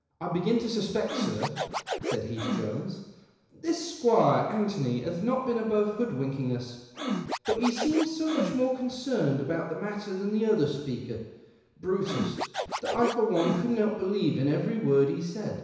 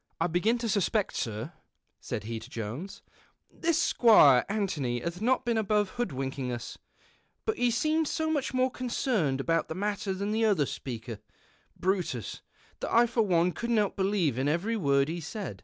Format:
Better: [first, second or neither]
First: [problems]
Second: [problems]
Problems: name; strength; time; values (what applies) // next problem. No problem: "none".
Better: second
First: background sound (Scratching (performance technique)); 6 dB below the speech // room echo; dies away in 1 s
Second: none